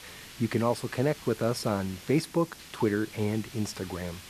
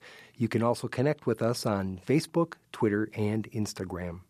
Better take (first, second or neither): second